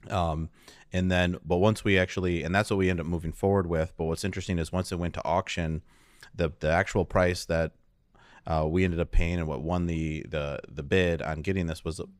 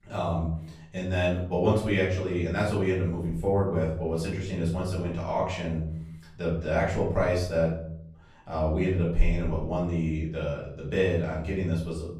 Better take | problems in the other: first | room echo; noticeable; dies away in 0.7 s // off-mic speech; far

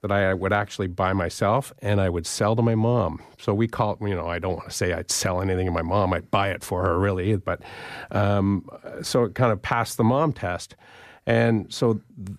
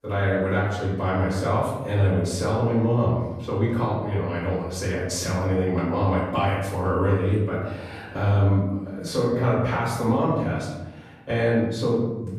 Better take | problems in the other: first | off-mic speech; far // room echo; noticeable; dies away in 1.1 s

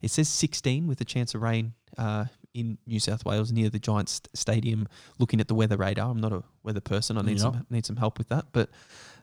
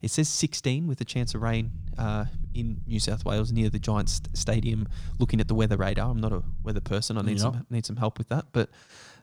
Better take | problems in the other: first | low rumble; faint; from 1 to 7 s; 20 dB below the speech

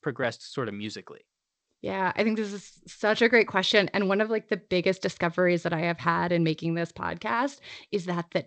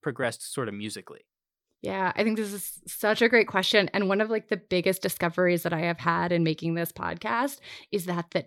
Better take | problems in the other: second | garbled, watery; slightly; nothing above 8 kHz

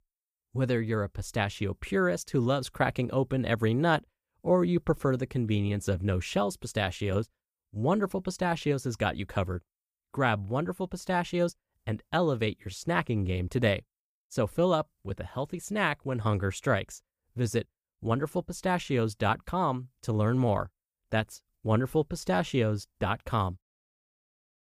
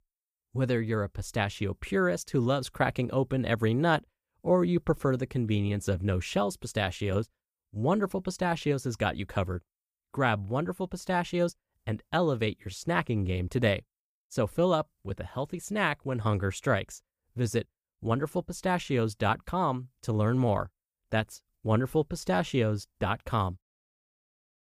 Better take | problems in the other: neither | none

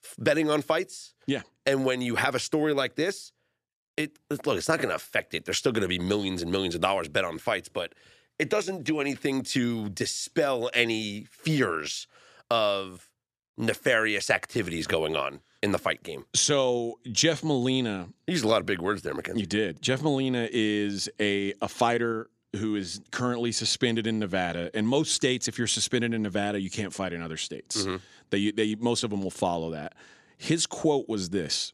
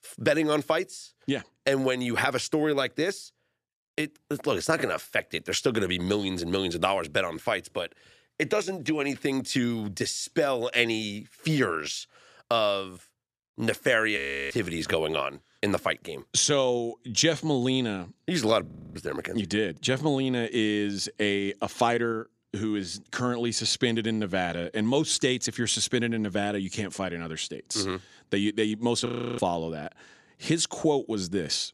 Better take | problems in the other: first | audio freezing; at 14 s, at 19 s and at 29 s

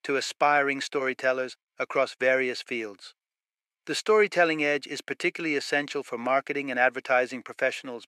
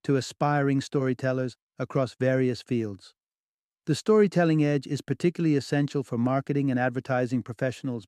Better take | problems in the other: second | thin; very; fading below 550 Hz

